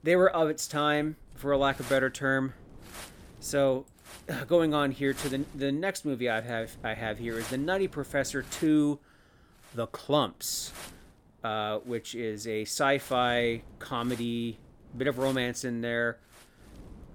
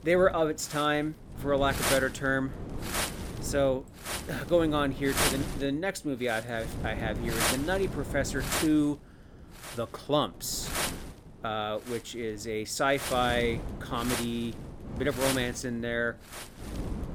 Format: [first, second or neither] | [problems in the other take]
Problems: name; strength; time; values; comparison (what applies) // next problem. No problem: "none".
first | wind noise on the microphone; heavy; 5 dB below the speech; occasional gusts in the first